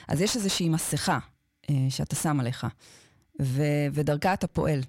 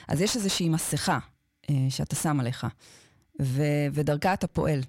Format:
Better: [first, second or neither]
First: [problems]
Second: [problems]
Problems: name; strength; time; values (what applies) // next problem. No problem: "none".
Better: neither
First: distortion; slight; 10 dB below the speech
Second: distortion; slight; 10 dB below the speech